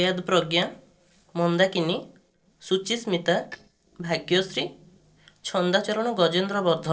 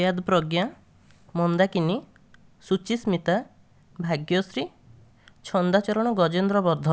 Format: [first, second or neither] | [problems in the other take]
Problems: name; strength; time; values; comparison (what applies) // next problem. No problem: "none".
second | noise reduction (neural separator model SepFormer DNS4)